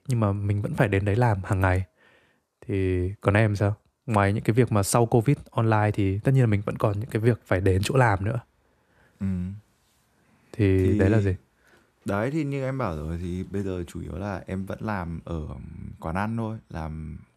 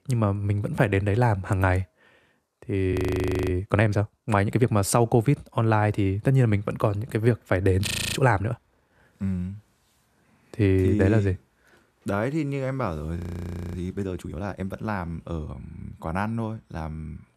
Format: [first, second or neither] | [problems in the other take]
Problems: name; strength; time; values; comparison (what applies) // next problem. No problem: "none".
first | audio freezing; at 3 s for 0.5 s, at 8 s and at 13 s for 0.5 s